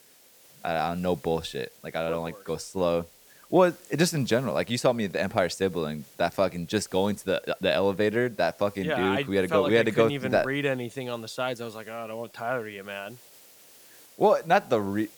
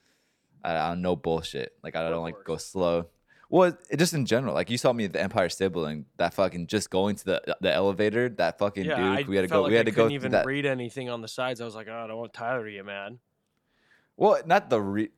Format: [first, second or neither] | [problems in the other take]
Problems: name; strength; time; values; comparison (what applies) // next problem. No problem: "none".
second | hiss; faint; throughout; 25 dB below the speech